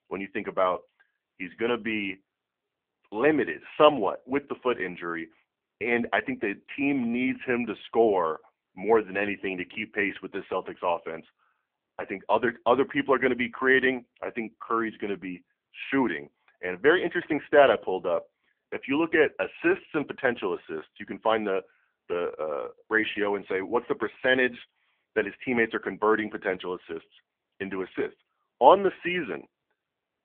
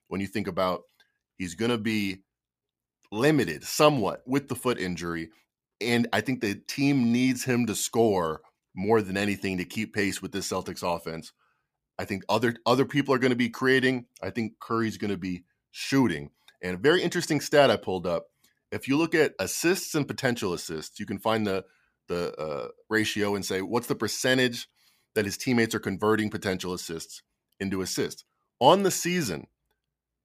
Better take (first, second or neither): second